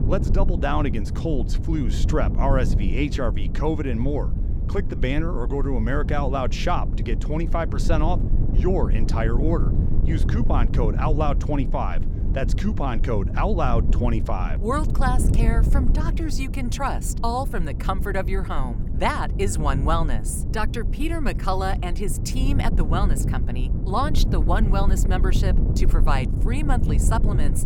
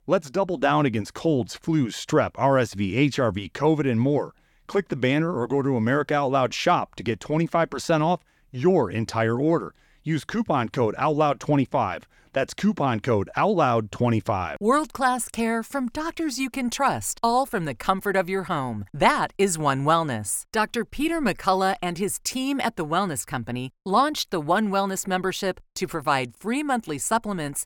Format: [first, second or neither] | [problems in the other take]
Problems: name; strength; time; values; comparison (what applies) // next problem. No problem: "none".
second | wind noise on the microphone; heavy; 10 dB below the speech